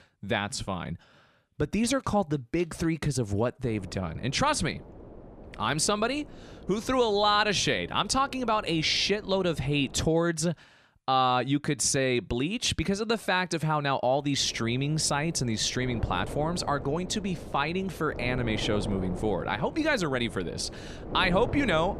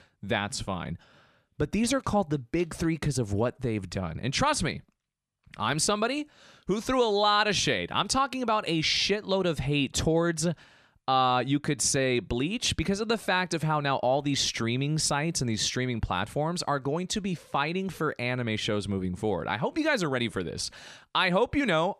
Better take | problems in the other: second | wind noise on the microphone; occasional gusts; from 3.5 to 10 s and from 14 s on; 15 dB below the speech

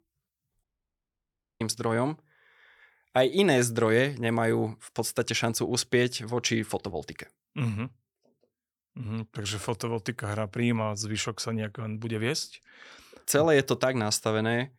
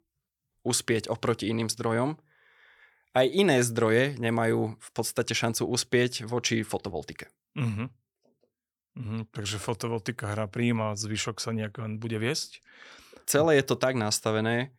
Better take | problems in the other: second | audio cutting out; at 0.5 s for 1 s

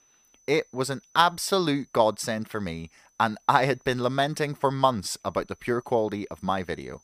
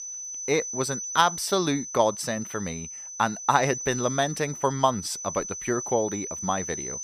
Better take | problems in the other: first | high-pitched whine; loud; throughout; 6 kHz, 7 dB below the speech; faint in the first

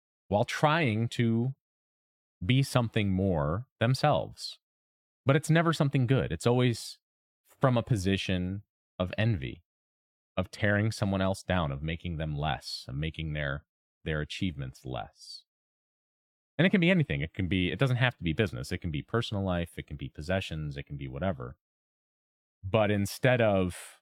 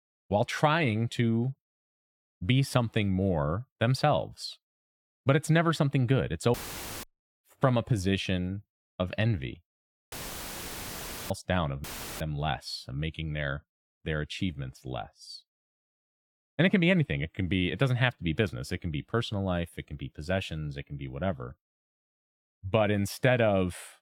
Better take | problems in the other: first | audio cutting out; filled with static; at 6.5 s, at 10 s for 1 s and at 12 s

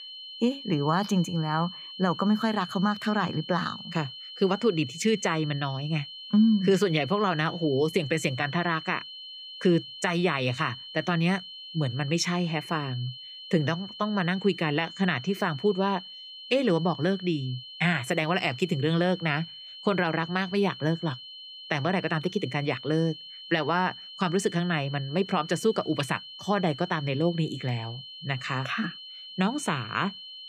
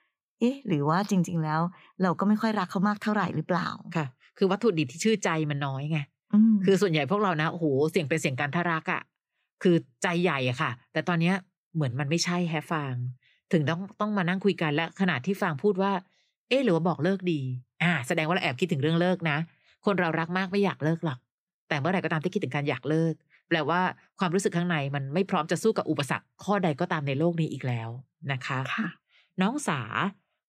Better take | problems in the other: second | high-pitched whine; noticeable; throughout; 3 kHz, 15 dB below the speech

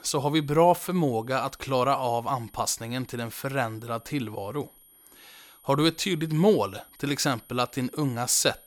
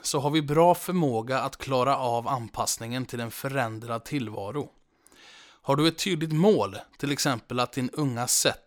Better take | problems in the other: second | high-pitched whine; faint; throughout; 11.5 kHz, 25 dB below the speech

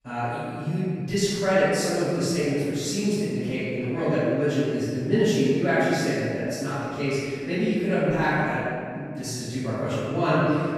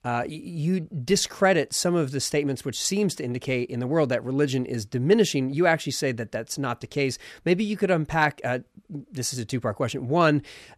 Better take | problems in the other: second | off-mic speech; far // room echo; strong; dies away in 2 s

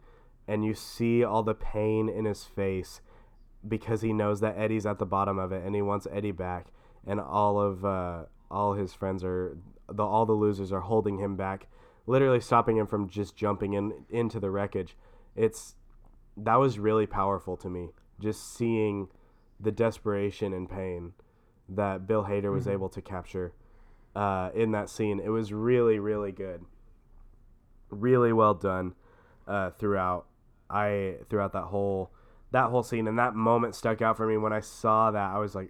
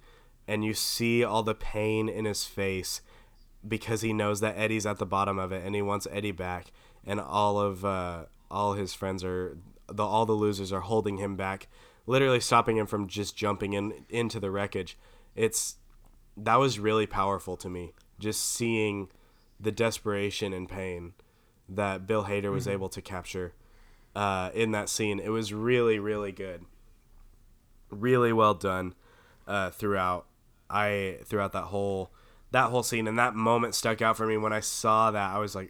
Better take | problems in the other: second | muffled; slightly; fading above 2 kHz

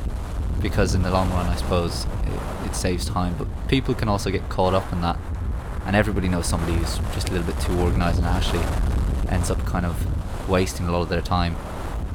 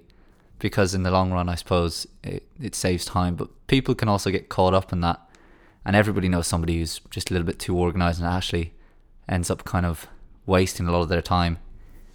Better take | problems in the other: second | wind noise on the microphone; heavy; 8 dB below the speech

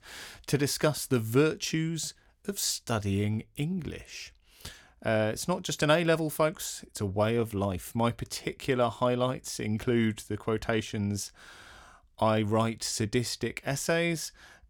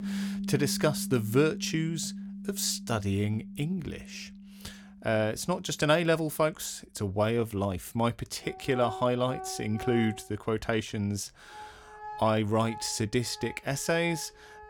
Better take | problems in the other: first | background music; noticeable; throughout; 10 dB below the speech

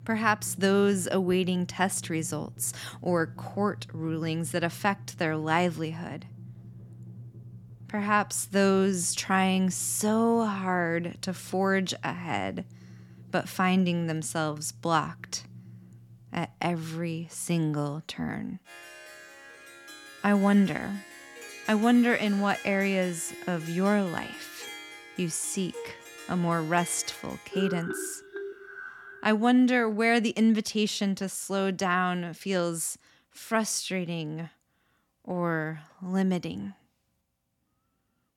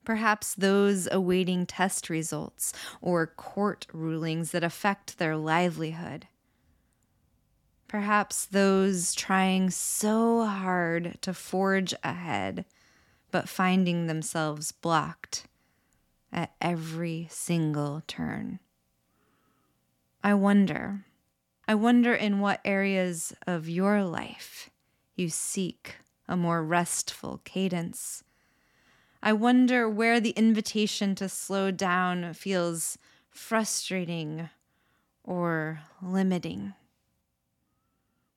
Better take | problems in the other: second | background music; noticeable; until 30 s; 15 dB below the speech

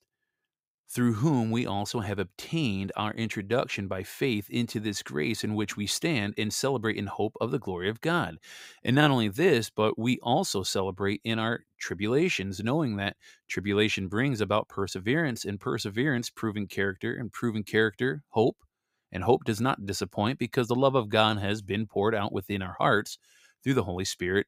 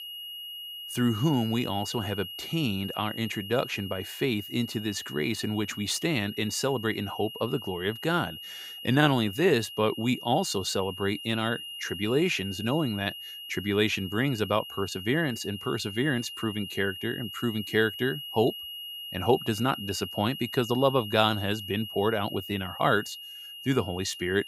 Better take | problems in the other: first | high-pitched whine; loud; throughout; 3 kHz, 10 dB below the speech

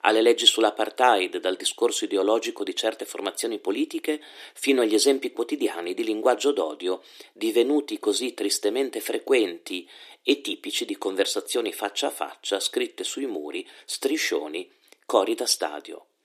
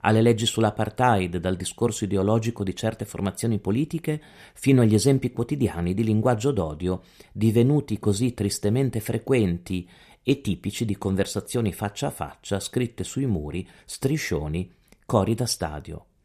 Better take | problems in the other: second | thin; somewhat; fading below 300 Hz

